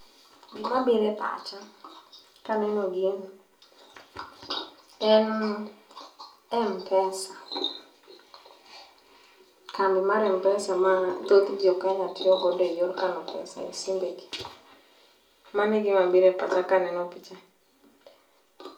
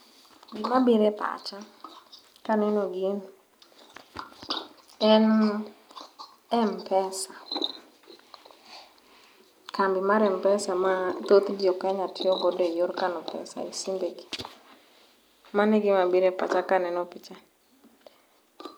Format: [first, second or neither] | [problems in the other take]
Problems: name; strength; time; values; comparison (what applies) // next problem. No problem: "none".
second | room echo; dies away in 0.3 s